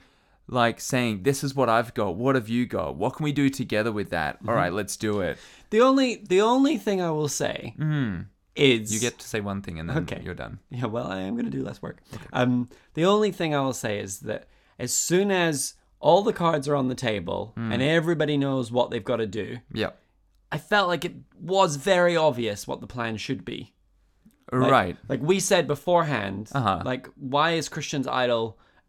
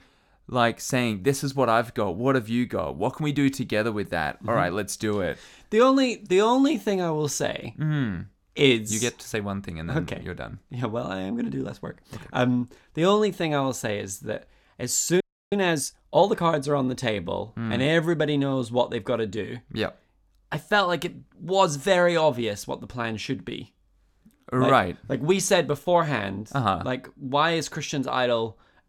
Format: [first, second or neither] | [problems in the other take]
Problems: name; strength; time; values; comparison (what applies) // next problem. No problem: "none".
first | audio freezing; at 15 s